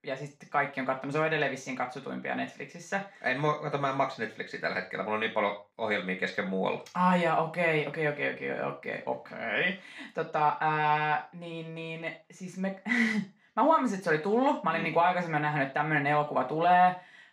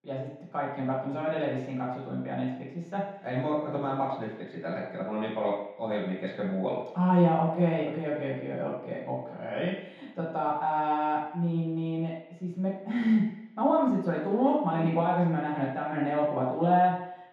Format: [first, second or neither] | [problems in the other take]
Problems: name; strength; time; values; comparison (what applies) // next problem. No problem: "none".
first | room echo; strong; dies away in 0.8 s; slight in the first // off-mic speech; far; far in the first